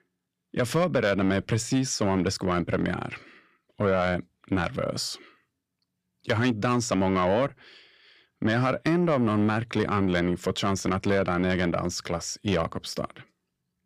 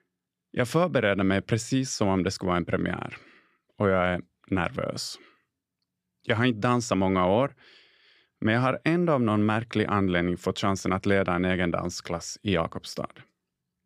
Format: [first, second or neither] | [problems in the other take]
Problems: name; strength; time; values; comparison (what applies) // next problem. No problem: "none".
second | distortion; slight; 10 dB below the speech